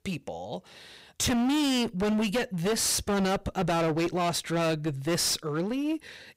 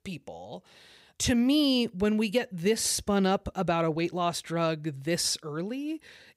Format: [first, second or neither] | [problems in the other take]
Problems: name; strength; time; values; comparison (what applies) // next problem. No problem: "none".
second | distortion; heavy; 24% of the sound clipped